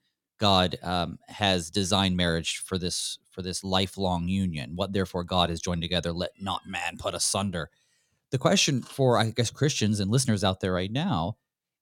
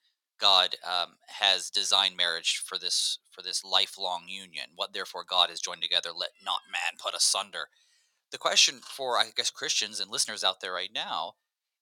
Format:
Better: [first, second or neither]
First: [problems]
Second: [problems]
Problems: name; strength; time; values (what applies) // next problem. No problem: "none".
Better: first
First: none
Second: thin; very; fading below 950 Hz